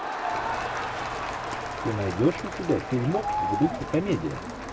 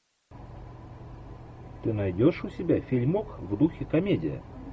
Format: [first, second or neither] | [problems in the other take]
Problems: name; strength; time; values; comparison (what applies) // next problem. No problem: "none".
second | background sound (Crowd); 3 dB below the speech